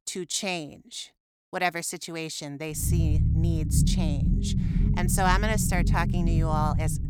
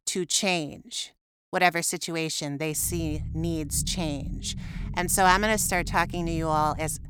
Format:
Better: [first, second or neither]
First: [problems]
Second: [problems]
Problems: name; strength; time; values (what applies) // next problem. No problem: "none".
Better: second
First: low rumble; loud; from 3 s on; 8 dB below the speech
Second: low rumble; faint; from 3 s on; 25 dB below the speech